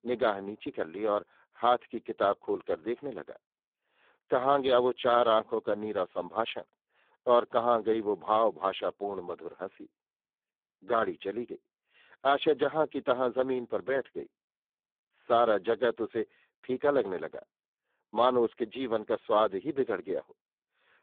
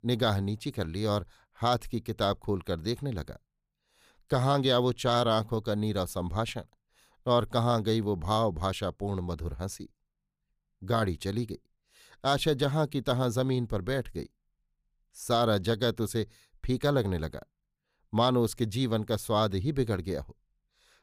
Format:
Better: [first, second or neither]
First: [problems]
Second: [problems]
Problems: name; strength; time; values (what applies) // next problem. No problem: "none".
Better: second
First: phone-call audio; poor line; nothing above 3.5 kHz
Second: none